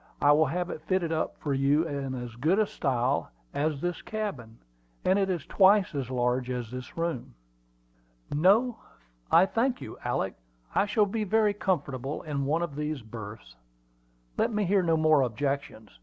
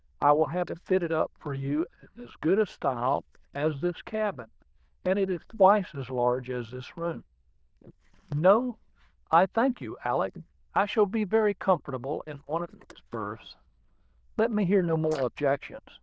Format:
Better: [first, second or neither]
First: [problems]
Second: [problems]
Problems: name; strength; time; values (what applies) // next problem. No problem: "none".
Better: first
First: none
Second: noise reduction (neural diffusion model UNIVERSE++)